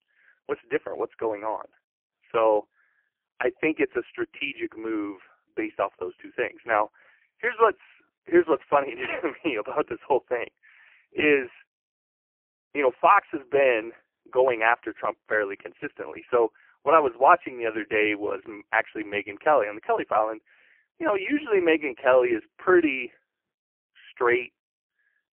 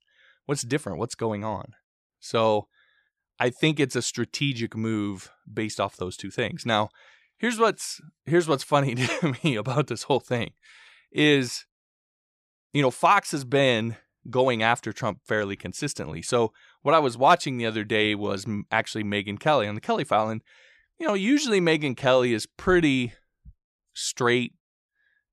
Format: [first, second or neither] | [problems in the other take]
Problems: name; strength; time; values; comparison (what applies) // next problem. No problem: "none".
second | phone-call audio; poor line; nothing above 3 kHz